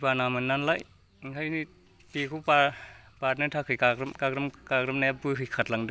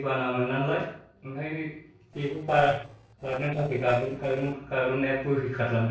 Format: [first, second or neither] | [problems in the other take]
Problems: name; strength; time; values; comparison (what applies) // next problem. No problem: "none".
first | noise reduction (neural separator model SepFormer DNS4)